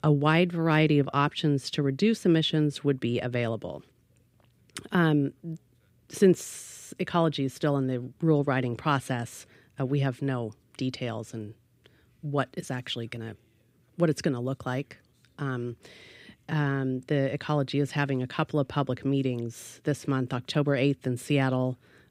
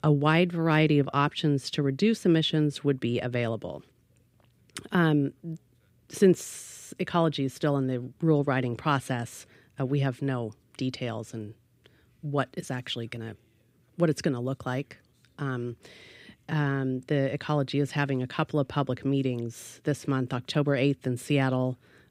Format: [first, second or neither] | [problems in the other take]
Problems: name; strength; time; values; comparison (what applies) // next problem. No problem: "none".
neither | none